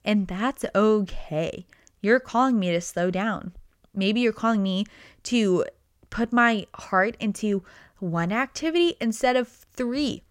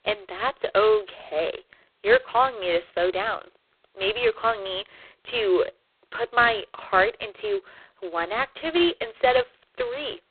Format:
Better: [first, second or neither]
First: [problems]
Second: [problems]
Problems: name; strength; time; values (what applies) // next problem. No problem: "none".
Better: first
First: none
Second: phone-call audio; poor line; nothing above 3.5 kHz